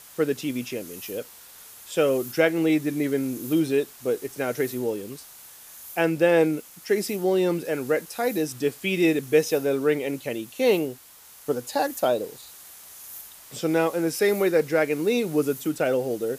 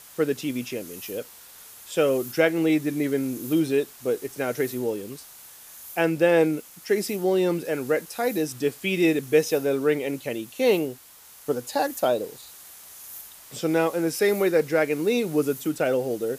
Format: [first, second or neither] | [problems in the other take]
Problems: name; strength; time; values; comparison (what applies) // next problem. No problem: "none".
neither | hiss; noticeable; throughout; 15 dB below the speech; the same in both